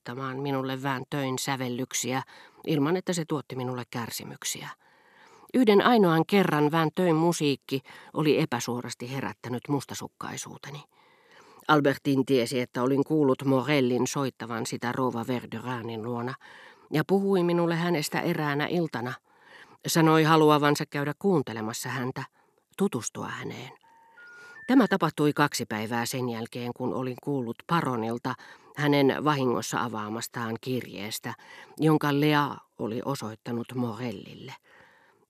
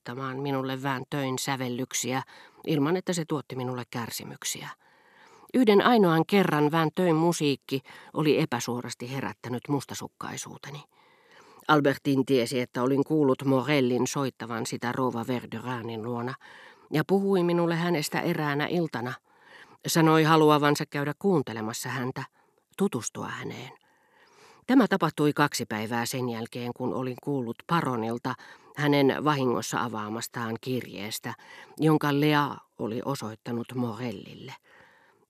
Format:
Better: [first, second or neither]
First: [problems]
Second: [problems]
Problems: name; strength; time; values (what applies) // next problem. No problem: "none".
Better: second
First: phone ringing; faint; from 24 to 25 s; peak 15 dB below the speech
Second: none